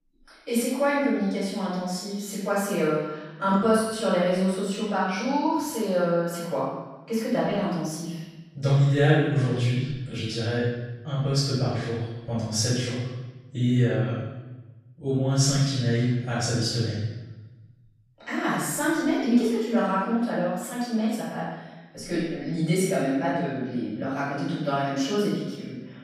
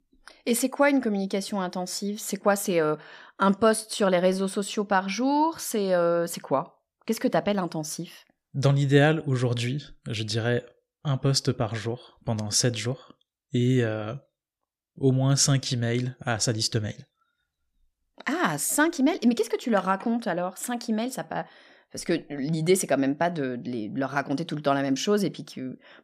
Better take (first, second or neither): second